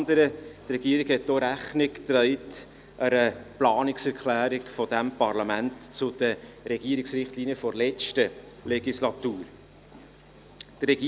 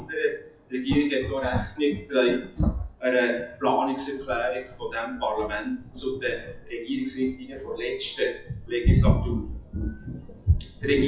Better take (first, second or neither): first